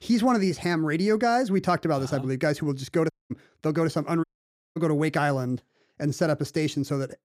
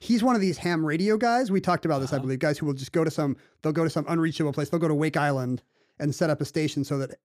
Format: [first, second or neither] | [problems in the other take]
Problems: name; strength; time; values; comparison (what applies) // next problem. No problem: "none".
second | audio cutting out; at 3 s and at 4 s for 0.5 s